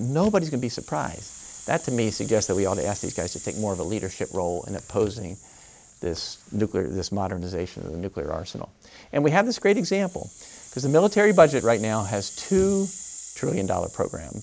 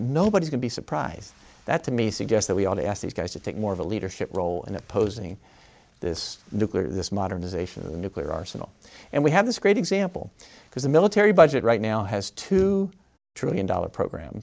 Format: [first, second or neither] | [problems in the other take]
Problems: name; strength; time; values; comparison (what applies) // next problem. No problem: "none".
second | background sound (Rattle (instrument)); 17 dB below the speech